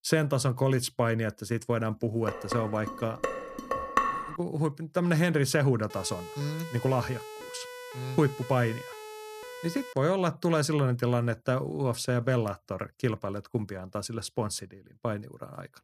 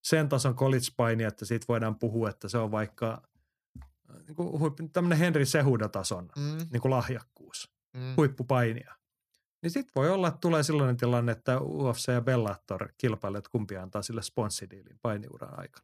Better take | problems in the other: second | clattering dishes; loud; from 2.5 to 4.5 s; peak 2 dB above the speech // siren; faint; from 6 to 10 s; peak 10 dB below the speech

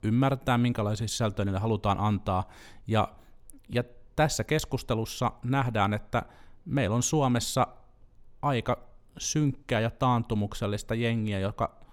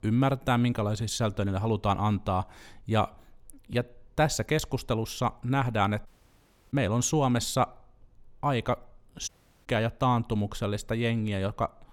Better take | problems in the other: first | audio cutting out; at 6 s for 0.5 s and at 9.5 s

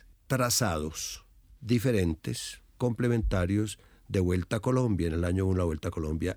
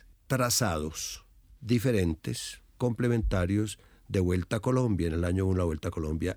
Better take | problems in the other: neither | none

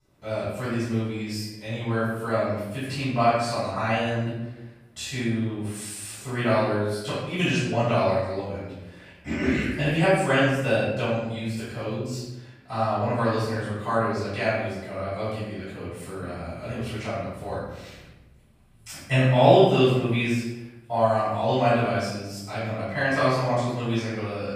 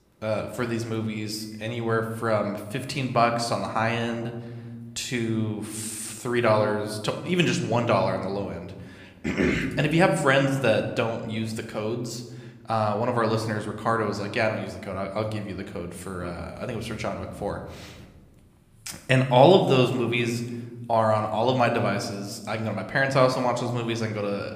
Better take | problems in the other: second | room echo; strong; dies away in 0.9 s; slight in the second // off-mic speech; far

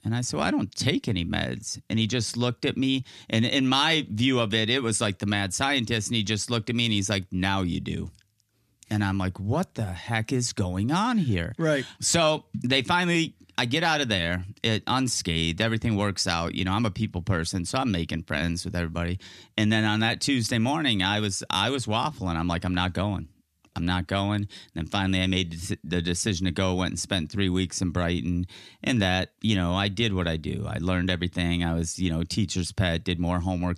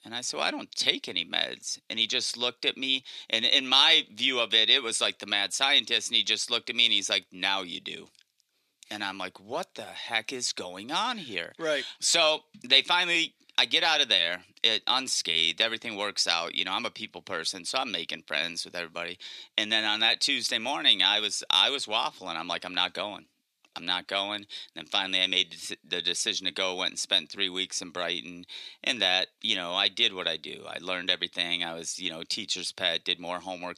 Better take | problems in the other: first | thin; very; fading below 500 Hz

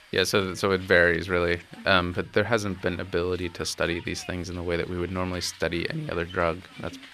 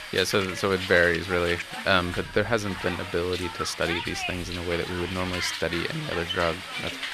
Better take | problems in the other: first | hiss; loud; throughout; 6 dB below the speech; faint in the first

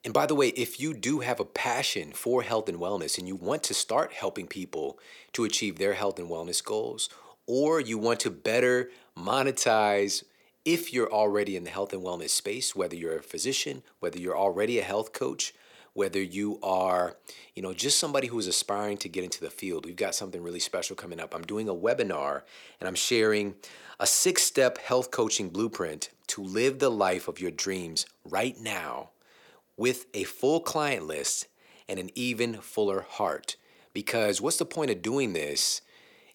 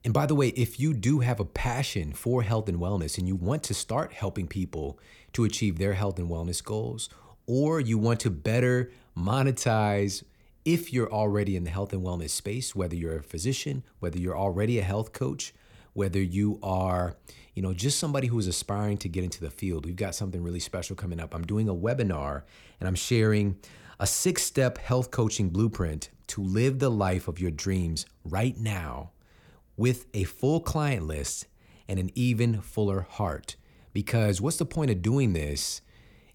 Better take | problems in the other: second | thin; somewhat; fading below 400 Hz

